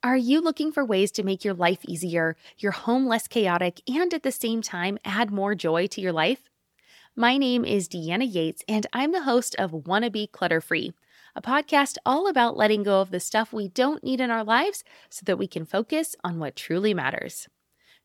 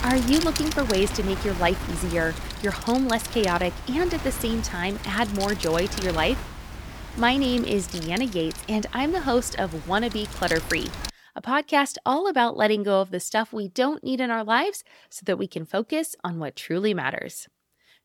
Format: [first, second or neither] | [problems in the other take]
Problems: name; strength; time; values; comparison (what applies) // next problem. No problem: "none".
first | wind noise on the microphone; heavy; until 11 s; 9 dB below the speech